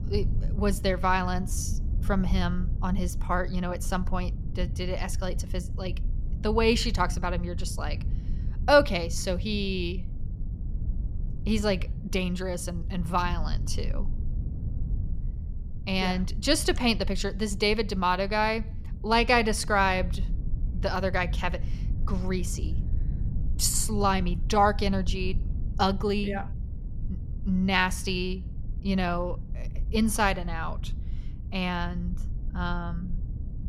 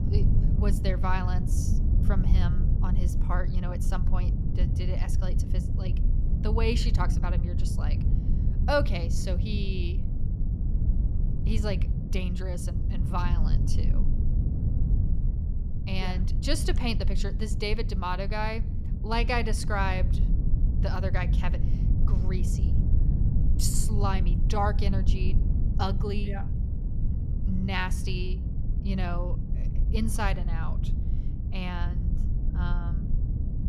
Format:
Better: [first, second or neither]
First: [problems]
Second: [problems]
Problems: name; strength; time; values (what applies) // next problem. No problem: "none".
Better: first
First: low rumble; faint; throughout; 20 dB below the speech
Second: low rumble; loud; throughout; 9 dB below the speech